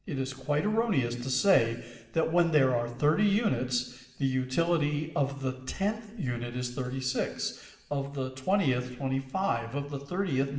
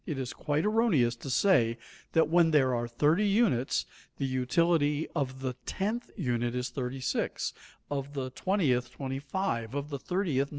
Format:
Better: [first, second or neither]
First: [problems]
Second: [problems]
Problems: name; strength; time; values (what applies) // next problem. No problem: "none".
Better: second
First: room echo; dies away in 0.9 s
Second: none